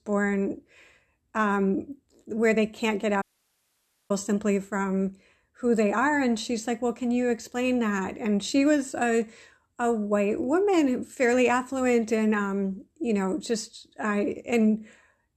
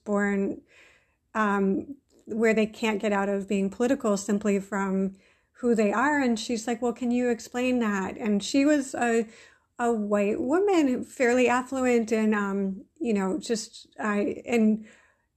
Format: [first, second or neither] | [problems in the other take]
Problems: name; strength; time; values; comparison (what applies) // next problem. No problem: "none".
second | audio cutting out; at 3 s for 1 s